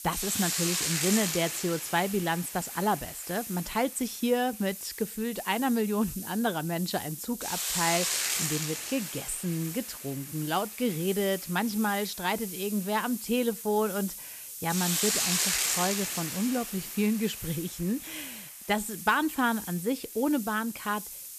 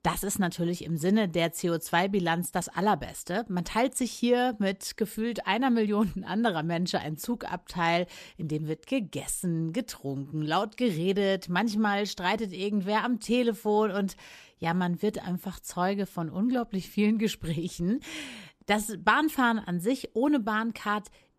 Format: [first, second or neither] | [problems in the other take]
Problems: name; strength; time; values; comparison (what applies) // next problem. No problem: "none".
second | hiss; loud; throughout; 2 dB below the speech